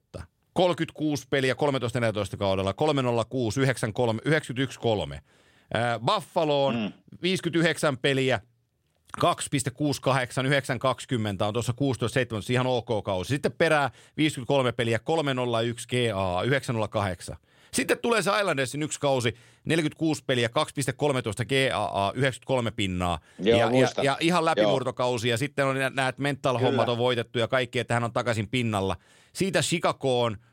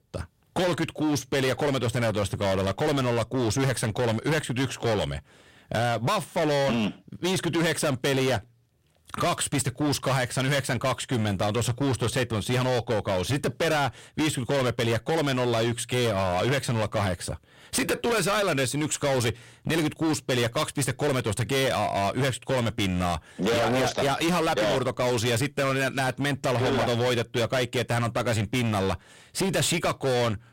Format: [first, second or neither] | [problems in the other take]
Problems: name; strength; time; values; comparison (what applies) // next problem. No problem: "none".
first | distortion; heavy; 26% of the sound clipped